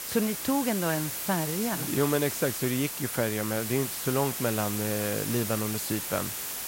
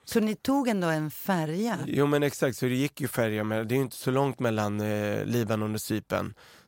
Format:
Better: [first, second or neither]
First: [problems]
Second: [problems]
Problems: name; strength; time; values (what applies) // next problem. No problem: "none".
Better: second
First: hiss; loud; throughout; 3 dB below the speech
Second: none